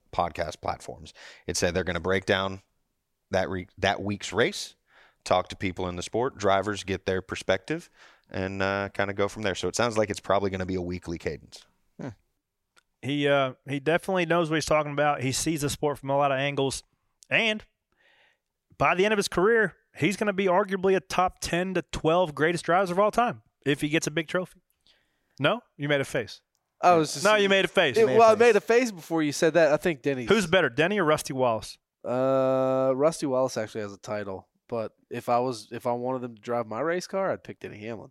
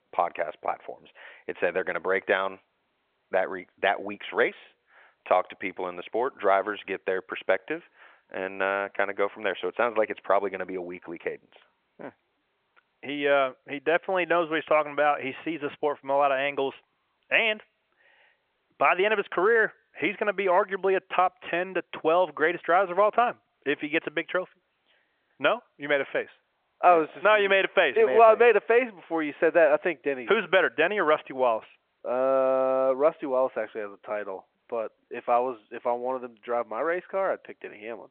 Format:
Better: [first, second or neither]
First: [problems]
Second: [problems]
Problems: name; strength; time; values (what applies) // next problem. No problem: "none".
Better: first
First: none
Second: phone-call audio; nothing above 3.5 kHz